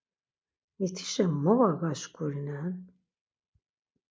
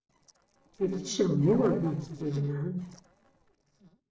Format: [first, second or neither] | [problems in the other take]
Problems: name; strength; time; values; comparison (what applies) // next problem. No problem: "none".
first | noise reduction (neural separator model SepFormer DNS4)